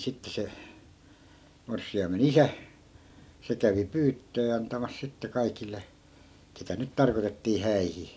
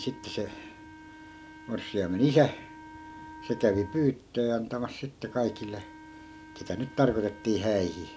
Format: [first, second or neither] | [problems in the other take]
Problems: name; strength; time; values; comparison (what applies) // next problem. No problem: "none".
first | background sound (Wind instrument, woodwind instrument); 18 dB below the speech